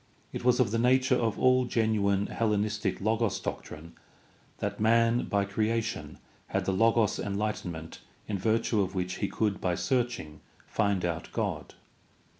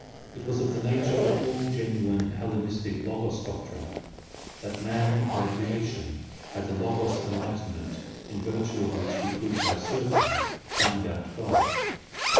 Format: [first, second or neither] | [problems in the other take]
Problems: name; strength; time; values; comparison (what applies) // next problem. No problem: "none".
first | background sound (Zipper (clothing)); 2 dB below the speech // room echo; dies away in 1.1 s